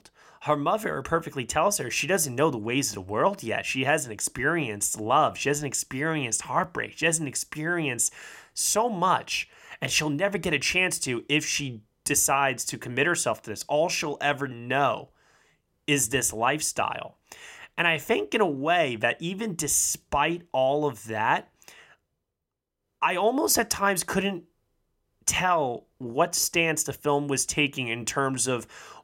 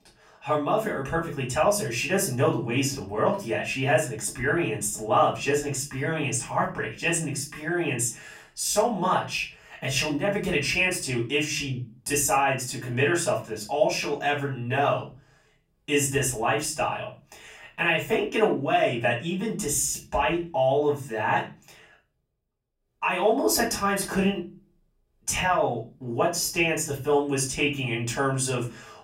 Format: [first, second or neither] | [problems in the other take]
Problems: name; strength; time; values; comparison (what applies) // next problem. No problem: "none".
first | room echo; slight; dies away in 0.3 s // off-mic speech; far